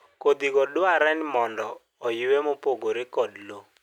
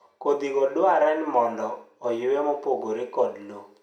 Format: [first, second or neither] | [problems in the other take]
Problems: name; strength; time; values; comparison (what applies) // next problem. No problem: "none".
first | room echo; dies away in 0.5 s